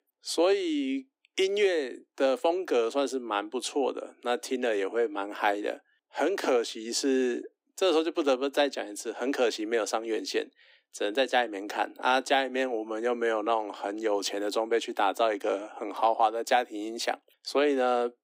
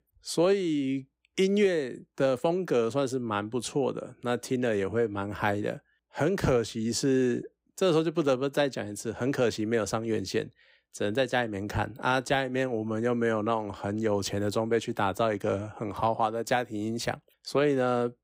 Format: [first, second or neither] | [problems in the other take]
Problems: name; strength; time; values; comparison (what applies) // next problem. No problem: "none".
second | thin; very slightly; fading below 250 Hz